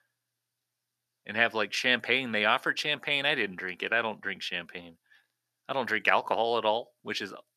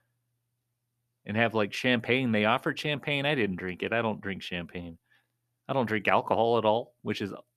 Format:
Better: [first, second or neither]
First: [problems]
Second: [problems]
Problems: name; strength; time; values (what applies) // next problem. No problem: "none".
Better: second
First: thin; somewhat; fading below 550 Hz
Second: none